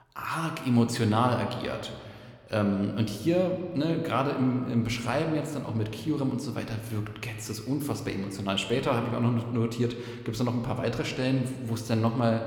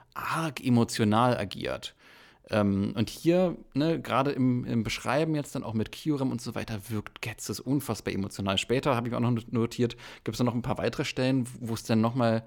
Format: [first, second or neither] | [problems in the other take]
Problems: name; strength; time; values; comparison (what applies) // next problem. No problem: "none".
second | room echo; slight; dies away in 1.4 s